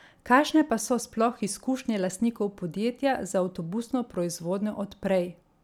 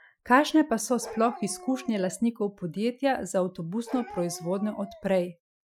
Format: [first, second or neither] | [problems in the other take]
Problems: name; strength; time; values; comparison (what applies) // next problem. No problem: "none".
first | noise reduction (classical method Wiener filter)